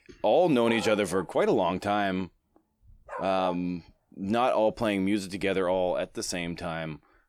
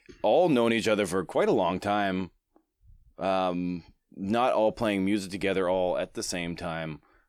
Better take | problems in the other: second | dog barking; faint; from 0.5 to 3.5 s; peak 10 dB below the speech

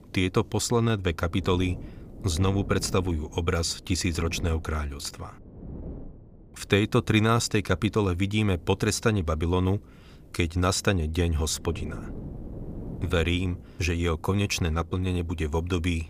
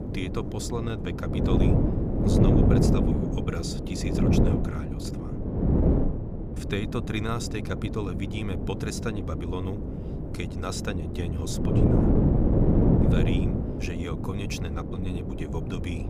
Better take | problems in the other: first | wind noise on the microphone; heavy; 3 dB above the speech; occasional gusts in the first

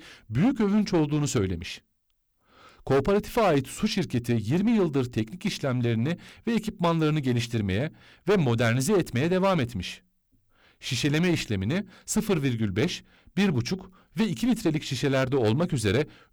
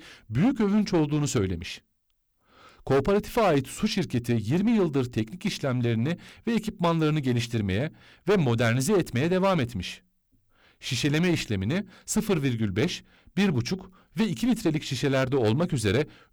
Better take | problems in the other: neither | distortion; slight; 8% of the sound clipped; the same in both

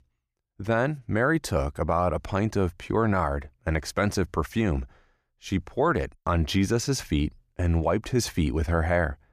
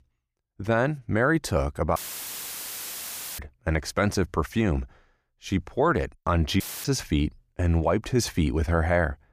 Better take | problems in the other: first | audio cutting out; filled with static; at 2 s for 1.5 s and at 6.5 s

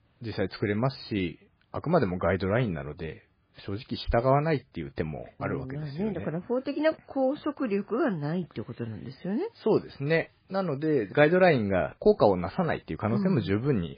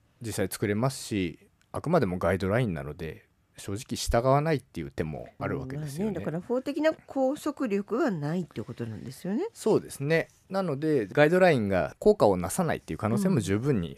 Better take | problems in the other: second | garbled, watery; badly; nothing above 4.5 kHz

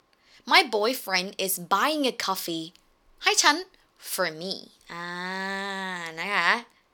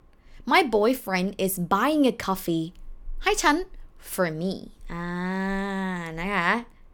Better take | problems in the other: second | thin; somewhat; fading below 750 Hz

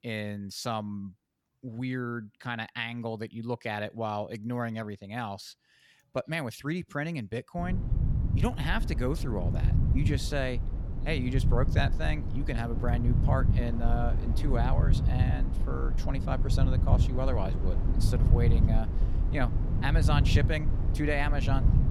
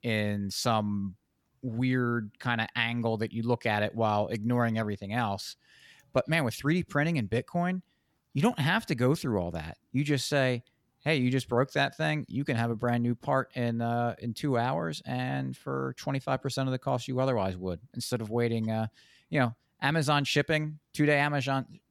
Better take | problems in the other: second | low rumble; loud; from 7.5 s on; 7 dB below the speech

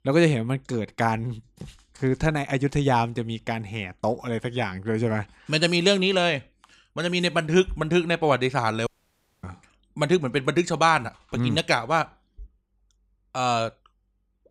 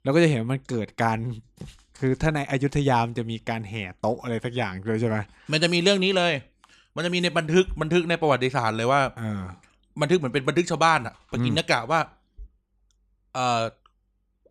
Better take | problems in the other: second | audio cutting out; at 9 s for 0.5 s

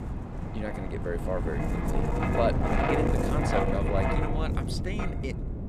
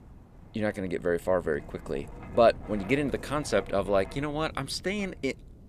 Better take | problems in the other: second | wind noise on the microphone; heavy; 3 dB above the speech; occasional gusts in the second

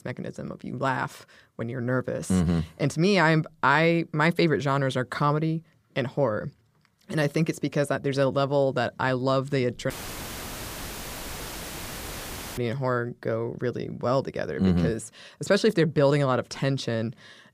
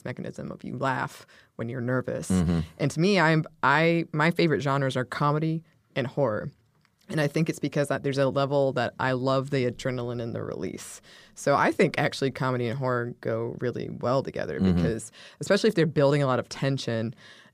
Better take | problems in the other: second | audio cutting out; filled with static; at 10 s for 2.5 s

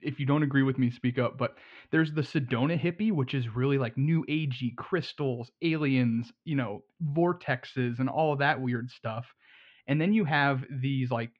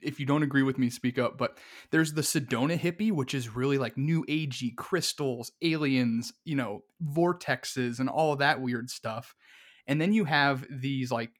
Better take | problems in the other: second | muffled; slightly; fading above 3 kHz

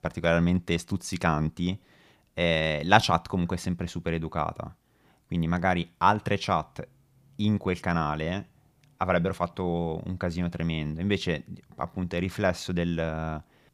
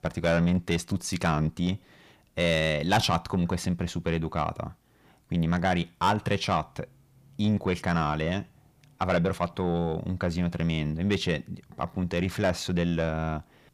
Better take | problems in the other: first | distortion; slight; 10 dB below the speech

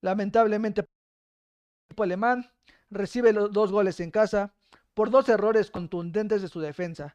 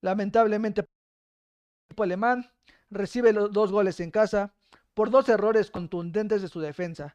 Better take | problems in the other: neither | none

